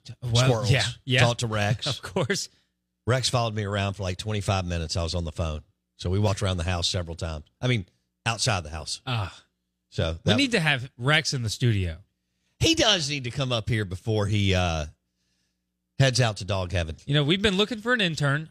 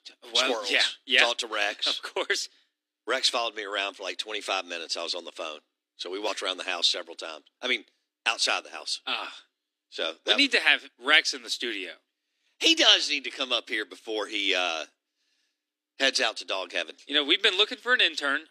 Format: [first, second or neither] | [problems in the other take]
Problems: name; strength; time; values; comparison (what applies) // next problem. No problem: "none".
first | thin; very; fading below 250 Hz